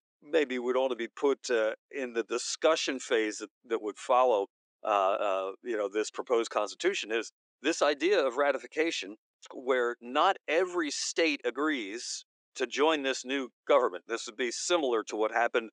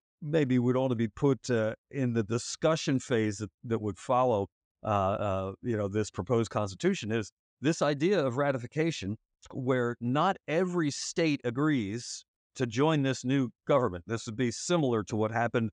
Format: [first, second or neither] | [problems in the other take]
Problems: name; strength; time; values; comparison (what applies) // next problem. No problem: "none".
second | thin; somewhat; fading below 350 Hz